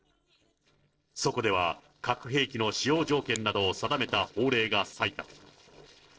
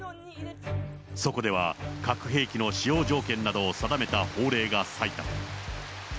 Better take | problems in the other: second | noise reduction (neural separator model SepFormer DNS4)

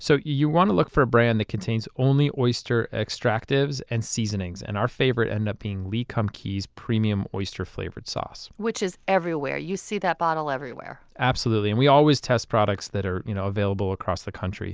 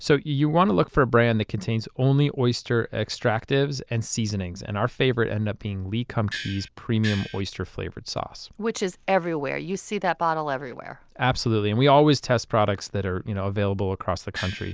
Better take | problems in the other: first | background sound (Gong); 10 dB below the speech

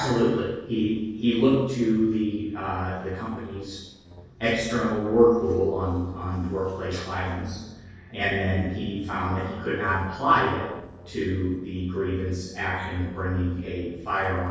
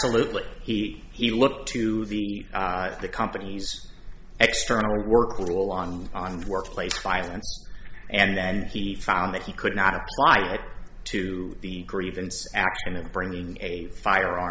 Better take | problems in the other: second | noise reduction (neural separator model SepFormer DNS4)

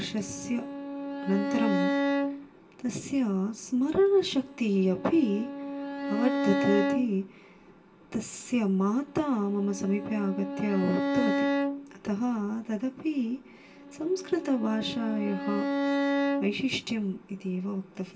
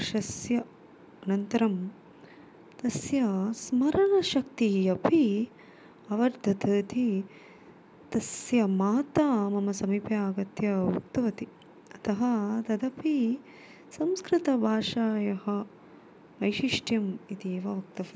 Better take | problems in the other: second | background sound (Bowed string instrument); 3 dB below the speech // room echo; dies away in 0.2 s

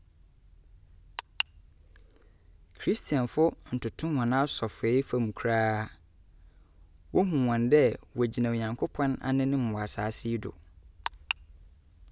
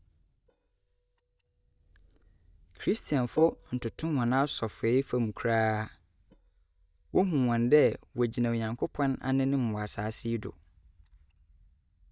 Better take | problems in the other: first | noise reduction (neural mask model DeepFilterNet 3)

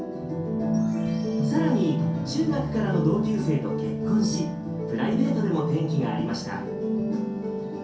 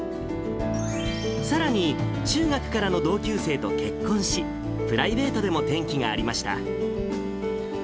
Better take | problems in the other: second | room echo; dies away in 0.6 s

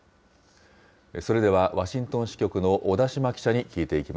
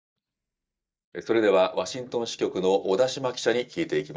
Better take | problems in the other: first | noise reduction (neural mask model DeepFilterNet 3)

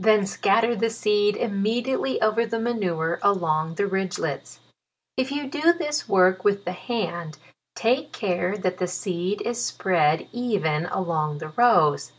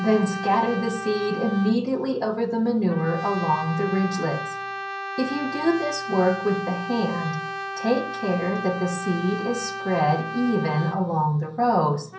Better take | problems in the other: first | background sound (Brass instrument); 9 dB below the speech // room echo; dies away in 0.6 s

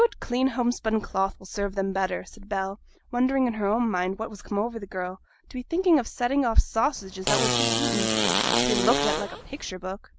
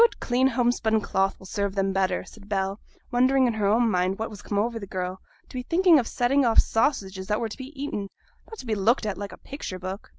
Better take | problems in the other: second | background sound (Fart); 1 dB above the speech

